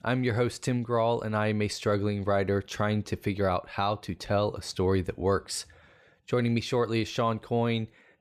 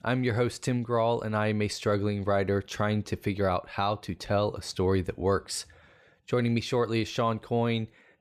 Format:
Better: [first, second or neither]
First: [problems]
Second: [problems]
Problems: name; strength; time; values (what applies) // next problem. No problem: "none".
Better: neither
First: none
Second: none